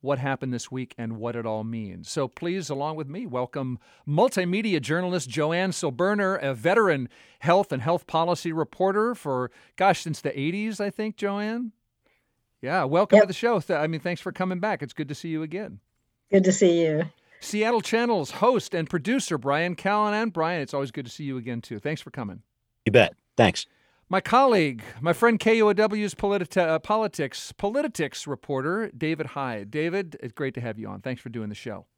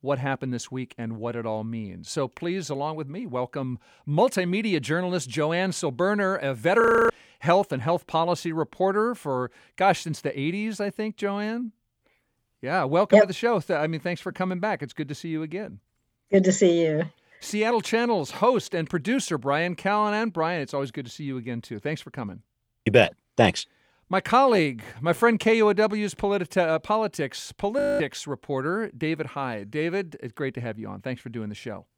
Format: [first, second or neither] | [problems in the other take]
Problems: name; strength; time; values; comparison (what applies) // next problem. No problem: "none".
first | audio freezing; at 7 s and at 28 s